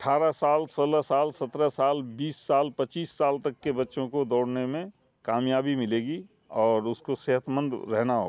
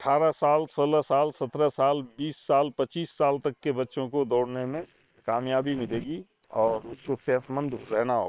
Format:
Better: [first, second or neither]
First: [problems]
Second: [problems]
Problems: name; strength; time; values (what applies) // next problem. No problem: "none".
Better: first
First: none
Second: noise reduction (neural separator model SepFormer WHAM!)